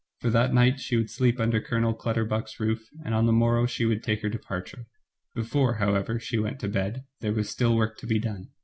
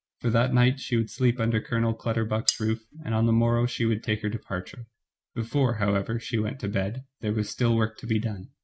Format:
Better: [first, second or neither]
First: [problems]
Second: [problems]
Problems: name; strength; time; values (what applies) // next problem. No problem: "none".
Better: first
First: none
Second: noise reduction (neural mask model RNNoise)